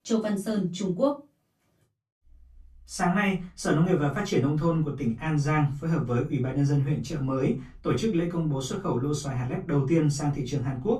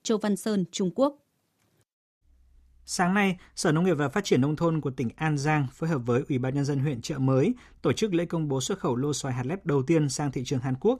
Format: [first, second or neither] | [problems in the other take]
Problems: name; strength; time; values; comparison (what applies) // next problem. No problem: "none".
second | off-mic speech; far // room echo; very slight; dies away in 0.2 s